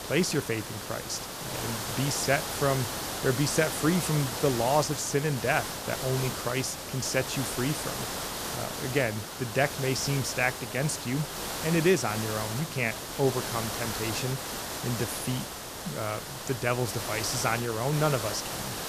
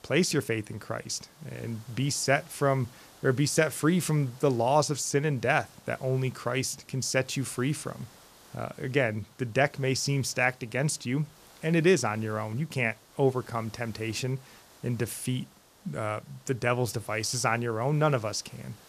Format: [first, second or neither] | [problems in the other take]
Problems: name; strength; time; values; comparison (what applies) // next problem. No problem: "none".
second | hiss; loud; throughout; 4 dB below the speech; faint in the second